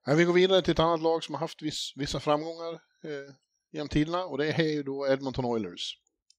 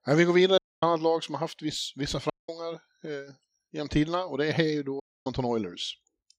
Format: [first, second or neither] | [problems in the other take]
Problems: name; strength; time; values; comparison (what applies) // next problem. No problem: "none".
first | audio cutting out; at 0.5 s, at 2.5 s and at 5 s